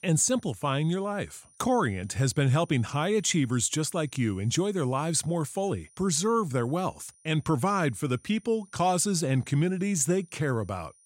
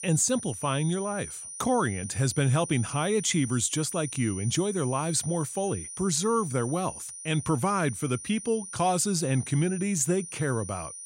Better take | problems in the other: first | high-pitched whine; loud; throughout; 9.5 kHz, 10 dB below the speech; faint in the first

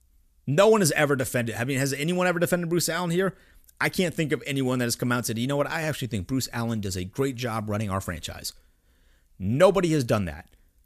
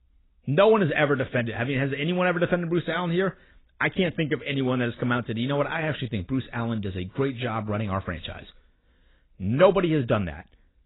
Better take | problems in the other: first | garbled, watery; badly; nothing above 4 kHz

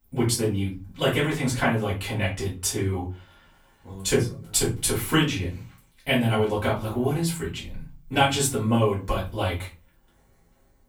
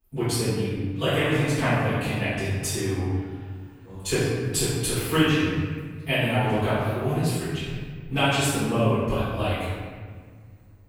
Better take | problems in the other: first | room echo; strong; dies away in 1.6 s; slight in the first // off-mic speech; far; far in the first

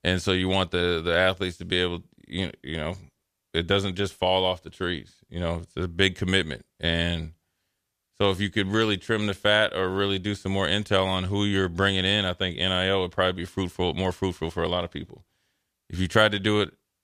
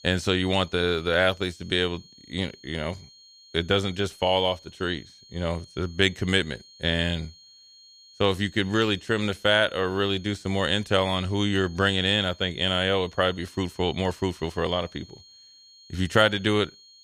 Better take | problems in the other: first | high-pitched whine; faint; throughout; 4.5 kHz, 25 dB below the speech

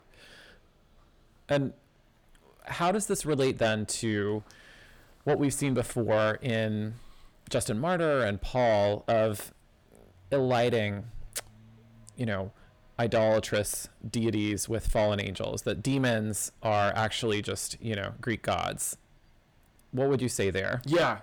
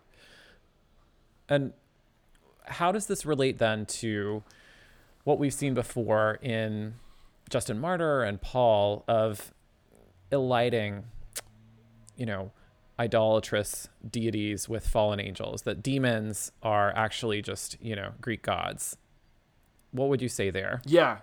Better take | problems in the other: second | distortion; slight; 10 dB below the speech

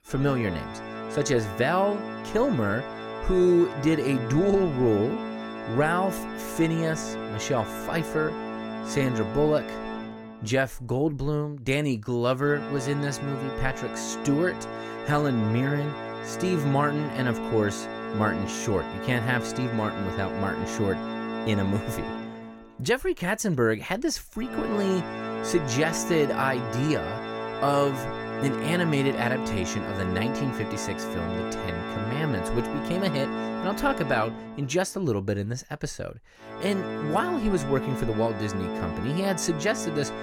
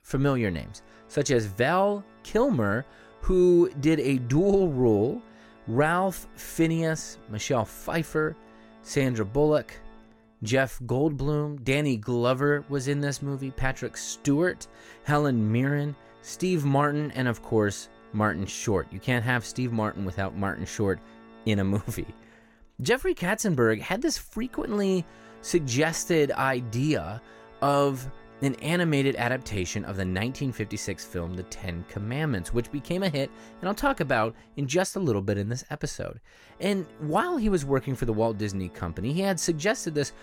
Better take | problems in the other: second | background music; loud; throughout; 6 dB below the speech; faint in the second

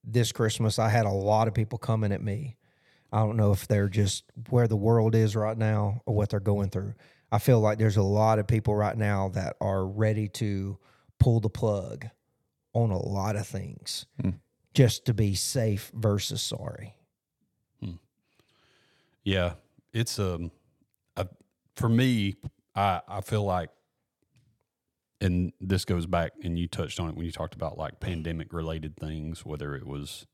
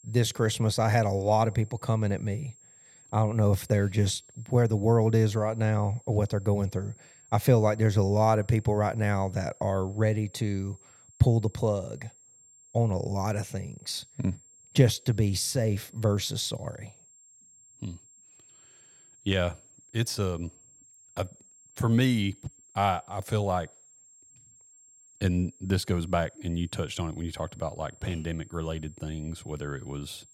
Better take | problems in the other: first | high-pitched whine; faint; throughout; 7.5 kHz, 25 dB below the speech

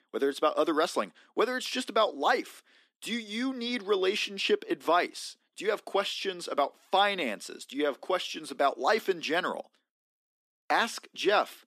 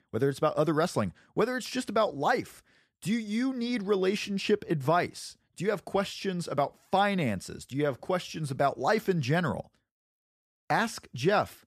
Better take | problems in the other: second | thin; very slightly; fading below 250 Hz

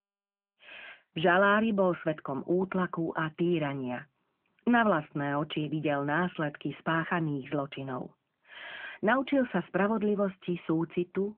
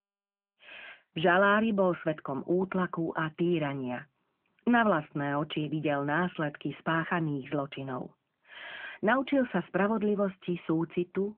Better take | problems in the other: neither | phone-call audio; the same in both

